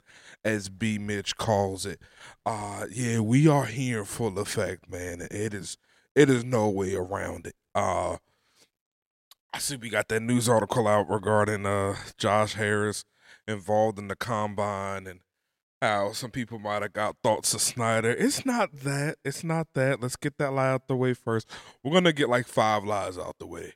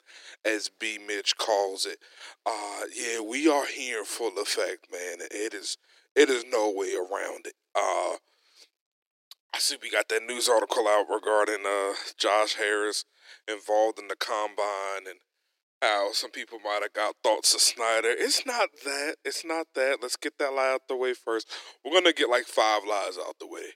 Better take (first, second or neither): first